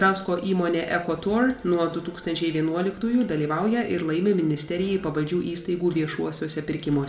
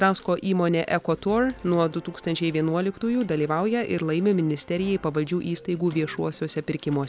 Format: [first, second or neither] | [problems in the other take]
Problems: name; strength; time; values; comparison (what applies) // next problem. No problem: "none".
second | room echo; dies away in 0.4 s